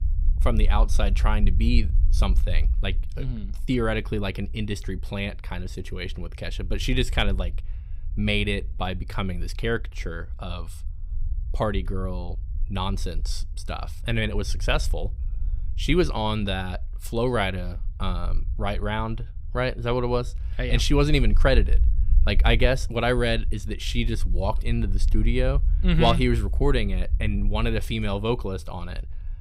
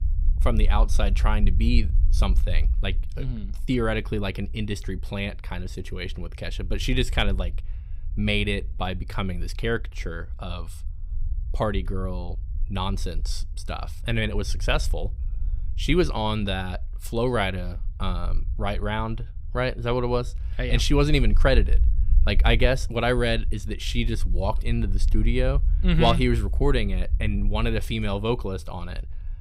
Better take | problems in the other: neither | low rumble; faint; throughout; 25 dB below the speech; the same in both

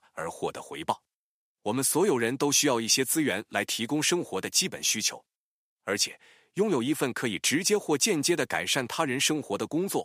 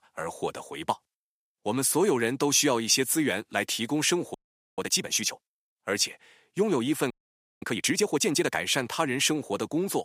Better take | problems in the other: first | audio freezing; at 4.5 s and at 7 s for 0.5 s

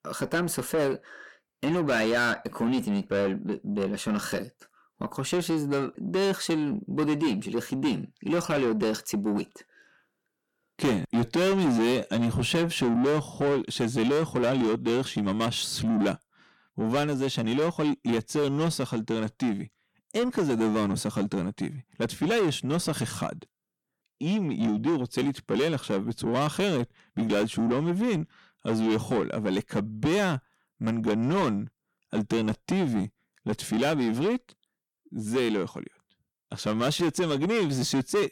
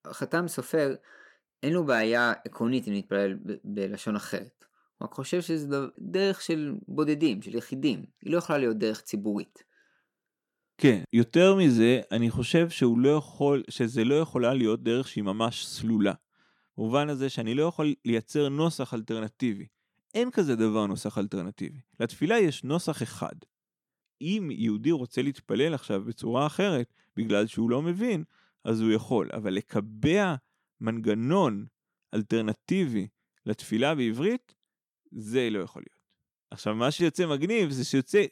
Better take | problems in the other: second | distortion; heavy; 7 dB below the speech

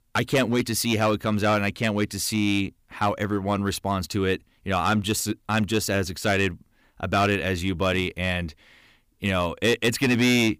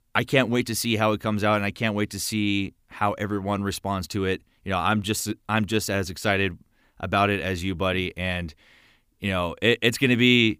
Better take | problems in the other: second | distortion; slight; 4% of the sound clipped

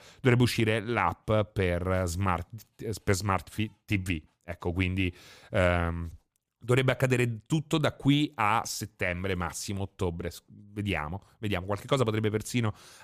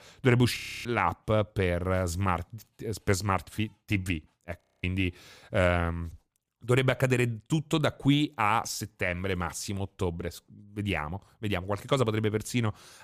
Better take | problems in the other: first | audio freezing; at 0.5 s and at 4.5 s

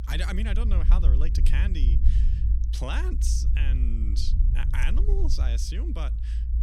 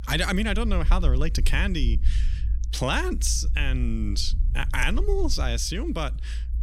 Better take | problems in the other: second | low rumble; loud; throughout; 8 dB below the speech; faint in the second

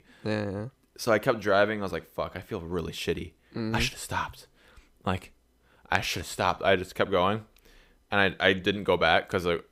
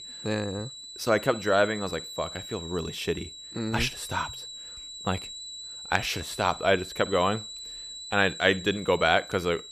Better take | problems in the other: first | high-pitched whine; noticeable; throughout; 4 kHz, 10 dB below the speech

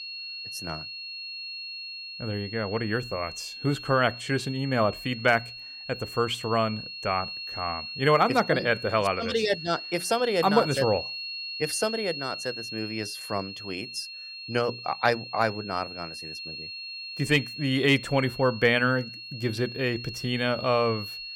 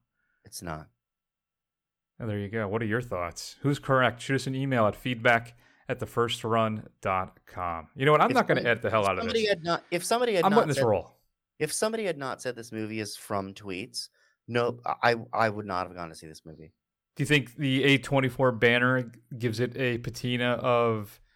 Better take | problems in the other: second | high-pitched whine; loud; throughout; 4.5 kHz, 9 dB below the speech

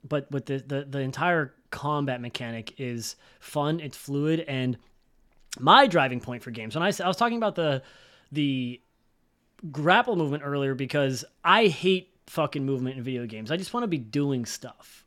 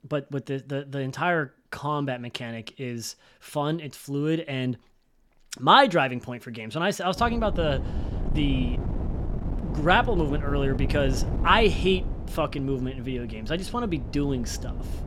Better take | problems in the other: first | wind noise on the microphone; occasional gusts; from 7 s on; 15 dB below the speech

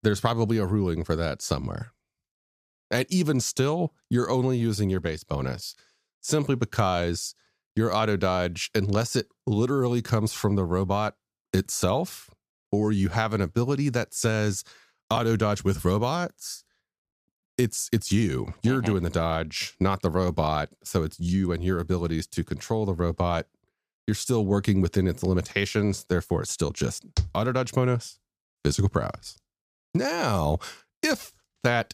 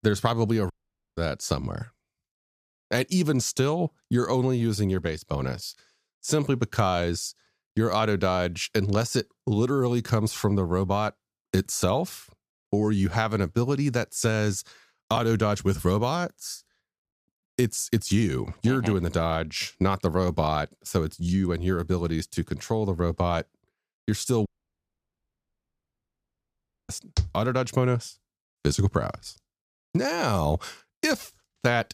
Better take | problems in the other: first | audio cutting out; at 0.5 s and at 24 s for 2.5 s

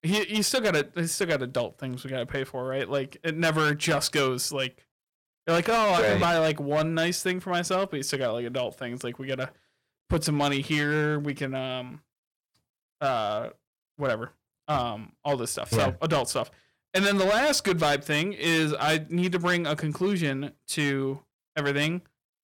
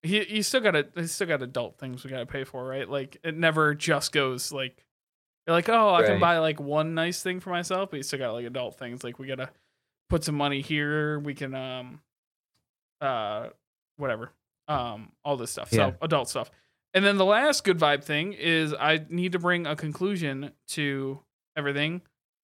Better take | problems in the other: second | distortion; heavy; 8% of the sound clipped

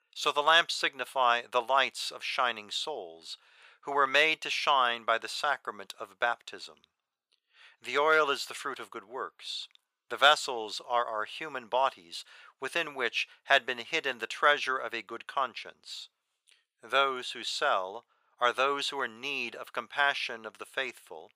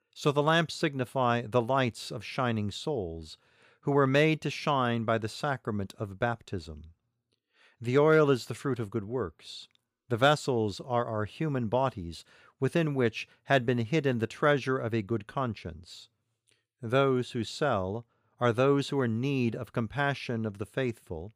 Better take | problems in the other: second | thin; very; fading below 900 Hz

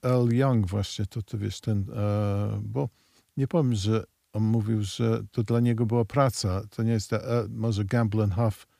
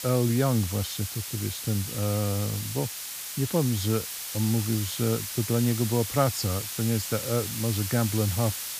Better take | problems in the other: first | hiss; loud; throughout; 5 dB below the speech

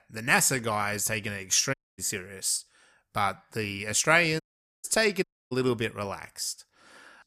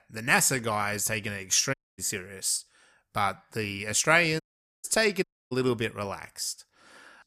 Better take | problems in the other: neither | audio cutting out; at 1.5 s, at 4.5 s and at 5 s; the same in both

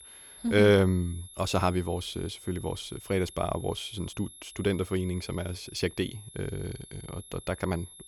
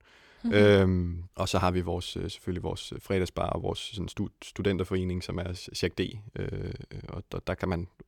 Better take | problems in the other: second | high-pitched whine; noticeable; throughout; 11 kHz, 15 dB below the speech

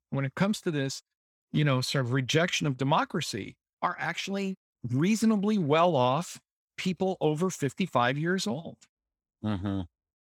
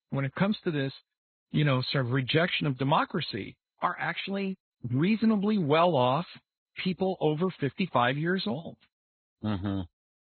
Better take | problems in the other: first | garbled, watery; badly; nothing above 4 kHz

